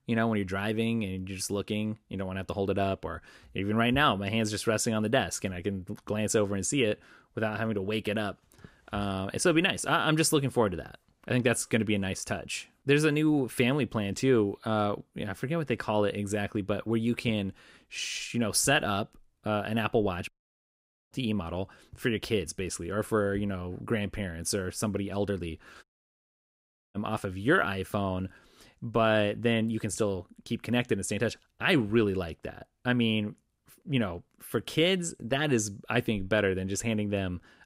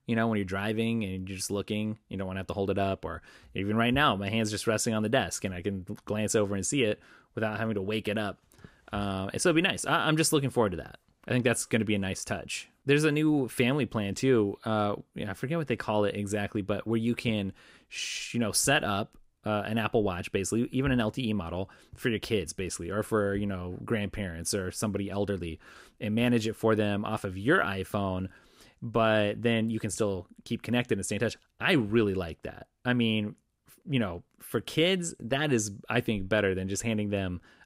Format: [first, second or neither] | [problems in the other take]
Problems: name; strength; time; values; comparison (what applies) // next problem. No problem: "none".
second | audio cutting out; at 20 s for 1 s and at 26 s for 1 s